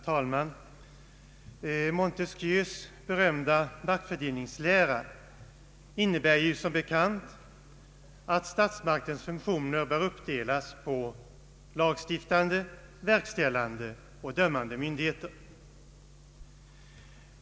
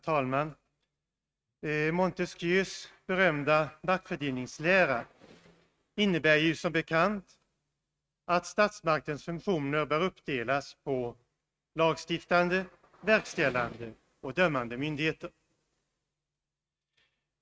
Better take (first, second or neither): first